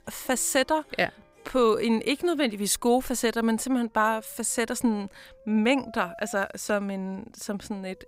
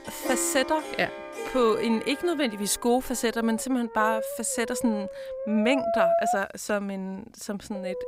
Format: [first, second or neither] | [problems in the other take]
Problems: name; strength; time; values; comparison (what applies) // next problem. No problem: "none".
first | background music; loud; throughout; 5 dB below the speech; faint in the first